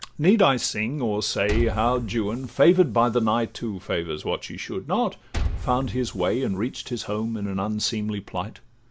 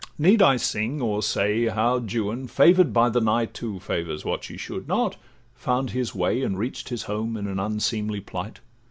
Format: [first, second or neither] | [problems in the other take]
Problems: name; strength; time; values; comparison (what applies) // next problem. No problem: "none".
second | background sound (Liquid); 10 dB below the speech